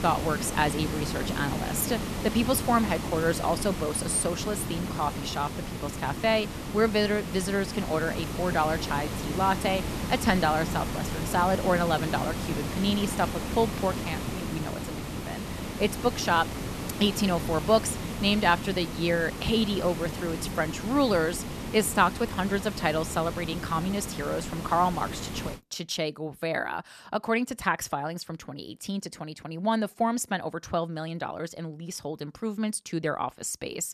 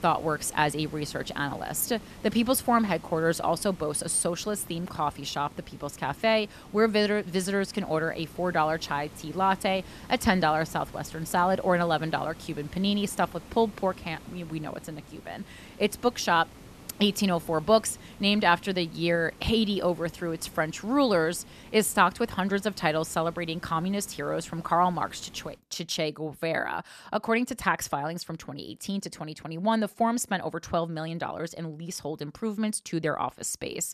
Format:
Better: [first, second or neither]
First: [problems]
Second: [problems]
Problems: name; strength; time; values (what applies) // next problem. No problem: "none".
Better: second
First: hiss; loud; until 26 s; 6 dB below the speech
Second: hiss; faint; until 26 s; 20 dB below the speech